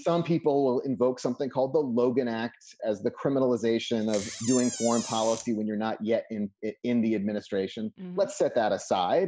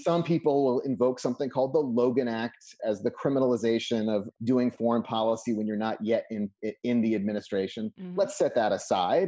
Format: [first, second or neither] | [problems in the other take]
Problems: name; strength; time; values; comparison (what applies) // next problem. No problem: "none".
second | background sound (Door); 10 dB below the speech